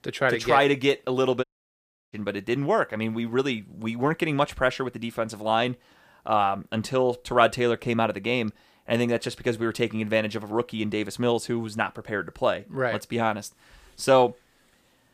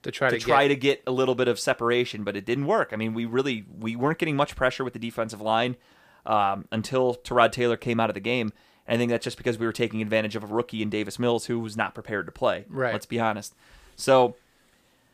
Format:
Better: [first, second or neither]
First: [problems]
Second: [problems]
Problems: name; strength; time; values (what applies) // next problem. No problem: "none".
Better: second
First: audio cutting out; at 1.5 s for 0.5 s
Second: none